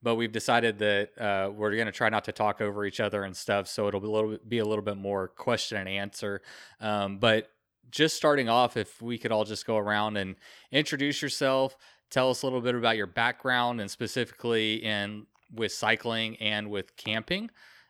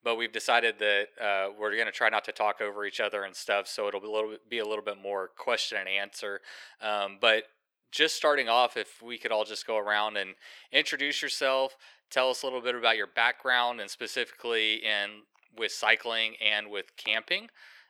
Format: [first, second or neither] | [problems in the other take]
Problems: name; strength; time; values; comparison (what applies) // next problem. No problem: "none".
first | thin; somewhat; fading below 500 Hz